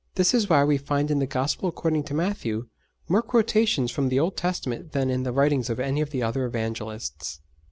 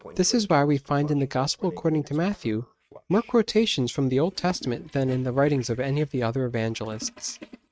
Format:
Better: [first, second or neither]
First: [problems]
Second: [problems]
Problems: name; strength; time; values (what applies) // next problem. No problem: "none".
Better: first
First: none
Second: noise reduction (neural mask model RNNoise)